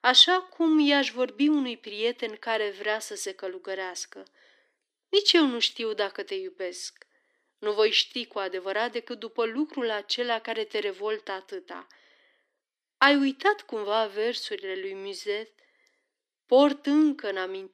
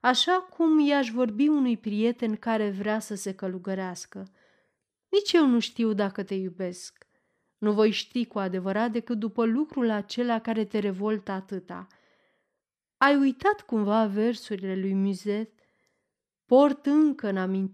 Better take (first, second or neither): second